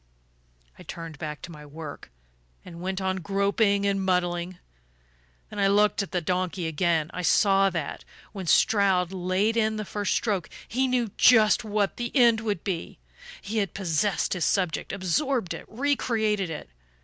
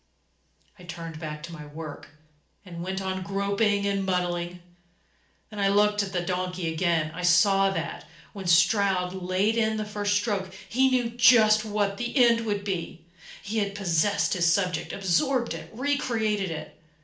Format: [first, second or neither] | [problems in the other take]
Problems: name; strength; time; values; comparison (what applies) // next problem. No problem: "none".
first | room echo; dies away in 0.4 s